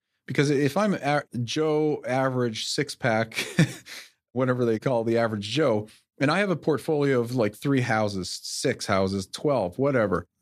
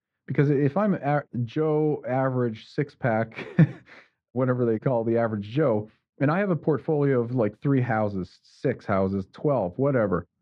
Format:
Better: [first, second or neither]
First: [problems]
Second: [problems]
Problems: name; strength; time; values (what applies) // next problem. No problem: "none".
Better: first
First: none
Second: muffled; very; fading above 1.5 kHz